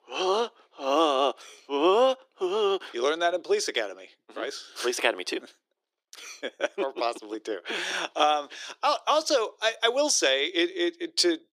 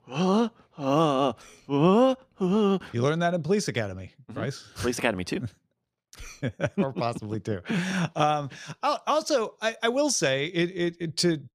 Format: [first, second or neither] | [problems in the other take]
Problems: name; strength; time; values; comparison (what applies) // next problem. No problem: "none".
second | thin; very; fading below 350 Hz